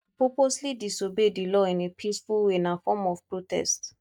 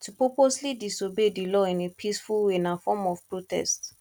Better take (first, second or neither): second